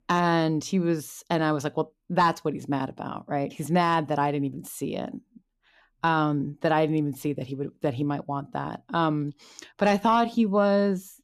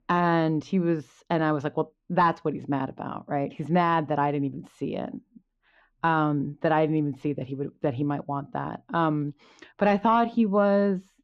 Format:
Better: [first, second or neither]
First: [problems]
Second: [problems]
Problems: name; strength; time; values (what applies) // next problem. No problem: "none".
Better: first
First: none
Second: muffled; slightly; fading above 2.5 kHz